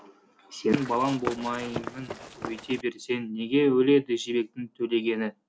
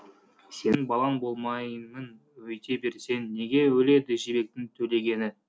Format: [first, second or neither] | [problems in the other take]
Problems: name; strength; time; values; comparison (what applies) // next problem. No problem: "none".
second | background sound (Run); 10 dB below the speech